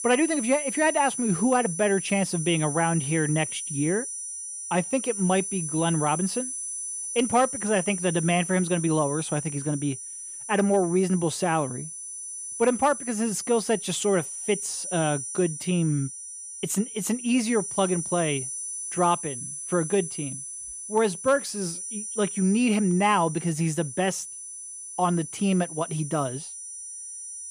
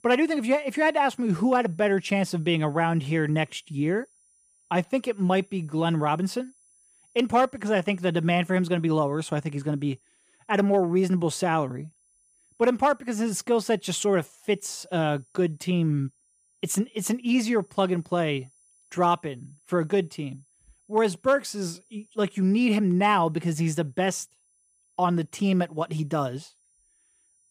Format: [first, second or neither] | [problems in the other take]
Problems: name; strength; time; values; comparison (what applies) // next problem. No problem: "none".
second | high-pitched whine; loud; throughout; 9.5 kHz, 7 dB below the speech; faint in the second